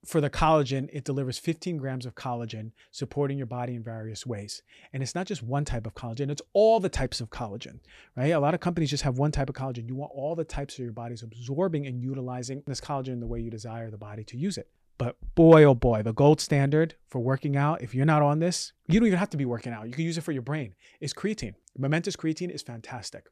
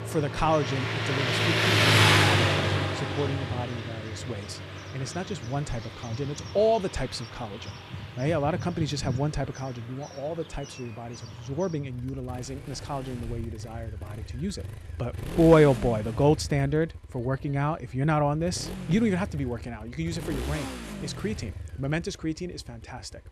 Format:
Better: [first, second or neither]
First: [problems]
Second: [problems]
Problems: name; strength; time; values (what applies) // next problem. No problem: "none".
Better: first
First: none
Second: traffic noise; loud; throughout; as loud as the speech